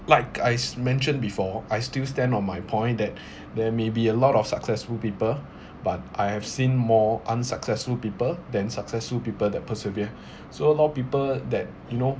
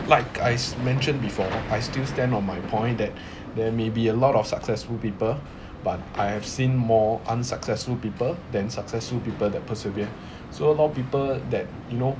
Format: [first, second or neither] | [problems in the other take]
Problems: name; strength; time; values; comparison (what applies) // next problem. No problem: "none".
first | background sound (Hammer); 13 dB below the speech